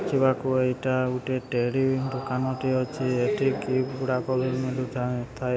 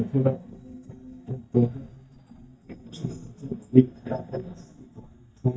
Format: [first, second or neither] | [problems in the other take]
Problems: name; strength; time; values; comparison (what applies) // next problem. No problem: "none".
first | noise reduction (neural mask model DeepFilterNet 3)